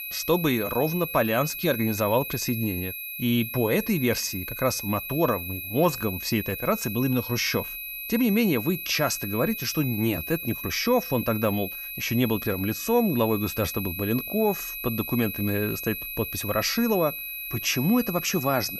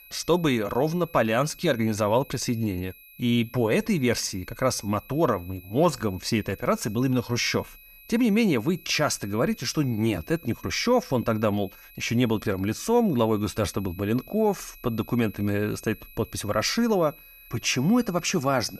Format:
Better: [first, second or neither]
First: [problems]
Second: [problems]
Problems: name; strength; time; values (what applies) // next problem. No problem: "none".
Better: second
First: high-pitched whine; loud; throughout; 2.5 kHz, 6 dB below the speech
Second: high-pitched whine; faint; throughout; 2.5 kHz, 20 dB below the speech